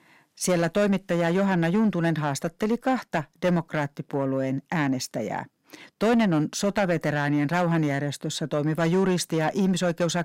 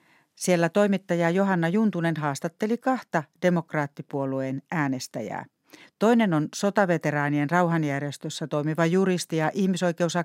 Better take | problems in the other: second | distortion; slight; 10 dB below the speech

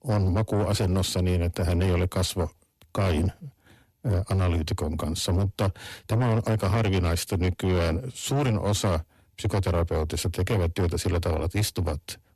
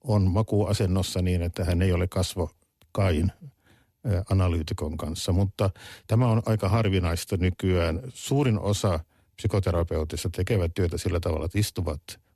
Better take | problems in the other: second | distortion; slight; 10 dB below the speech

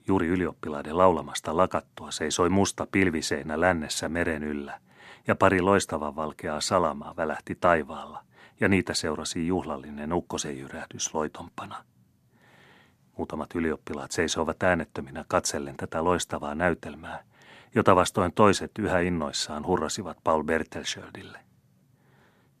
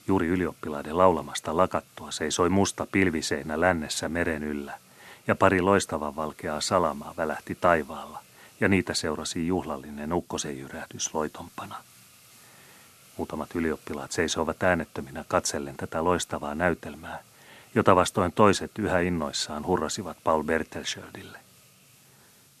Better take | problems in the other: first | hiss; faint; throughout; 25 dB below the speech

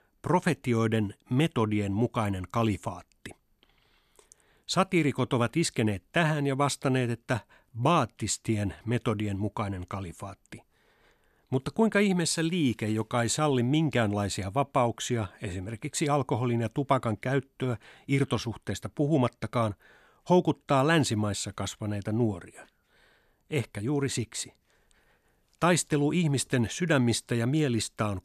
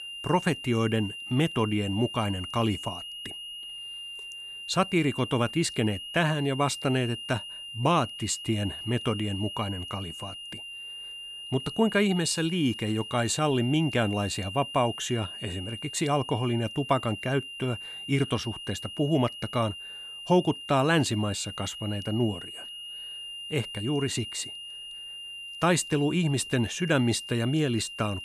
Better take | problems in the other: first | high-pitched whine; loud; throughout; 3 kHz, 9 dB below the speech

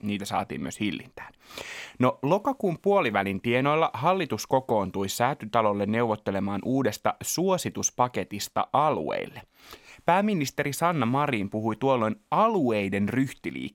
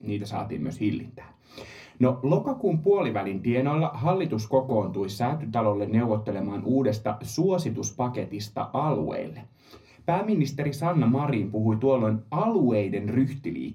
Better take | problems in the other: first | room echo; very slight; dies away in 0.4 s // off-mic speech; somewhat distant

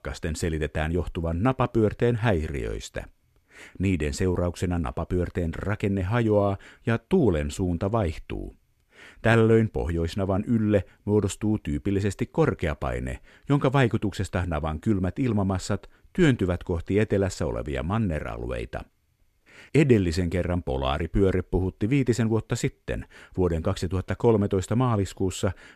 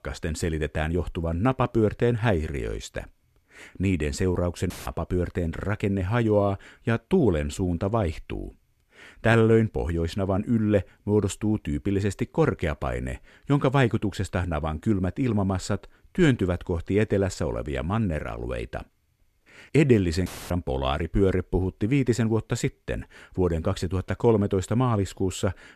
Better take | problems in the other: first | audio cutting out; filled with static; at 4.5 s and at 20 s

